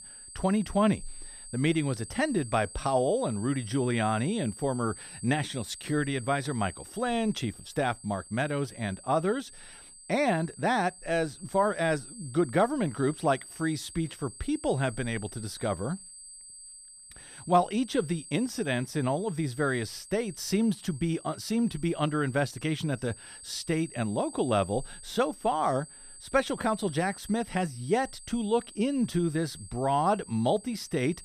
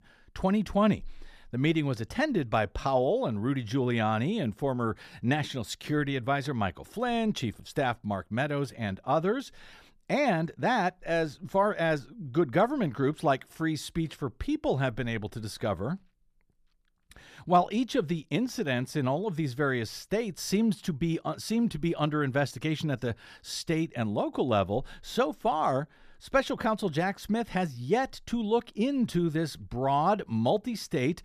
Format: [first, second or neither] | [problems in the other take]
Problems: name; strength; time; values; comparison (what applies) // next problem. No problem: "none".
second | high-pitched whine; noticeable; throughout; 8 kHz, 15 dB below the speech